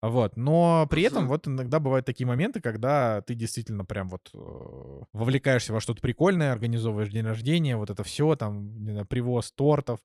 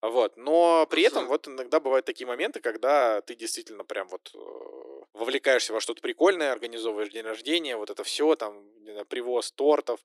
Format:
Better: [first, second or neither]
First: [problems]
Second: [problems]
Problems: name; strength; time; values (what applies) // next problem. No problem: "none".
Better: first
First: none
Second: thin; very; fading below 300 Hz